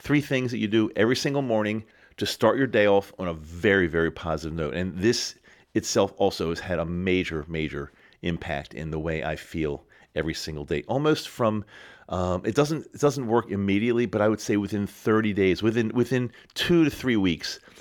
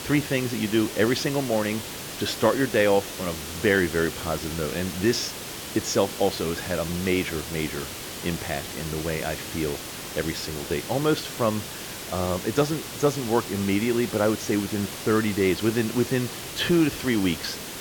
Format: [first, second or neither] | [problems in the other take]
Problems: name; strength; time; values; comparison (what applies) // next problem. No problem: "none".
first | hiss; loud; throughout; 8 dB below the speech